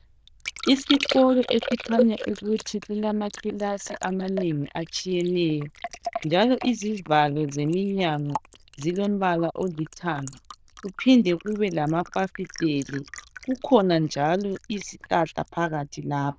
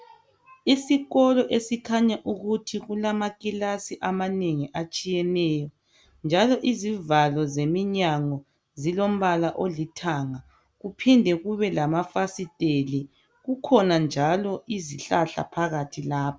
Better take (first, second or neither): second